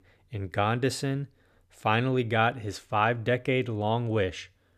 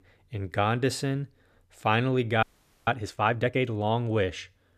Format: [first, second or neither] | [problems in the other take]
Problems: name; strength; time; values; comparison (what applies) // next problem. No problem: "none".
first | audio freezing; at 2.5 s